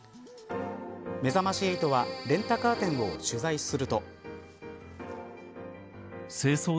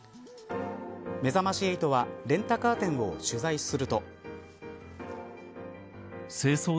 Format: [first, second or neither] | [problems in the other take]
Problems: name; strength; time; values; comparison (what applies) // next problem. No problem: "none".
second | background sound (Keyboard (musical)); 12 dB below the speech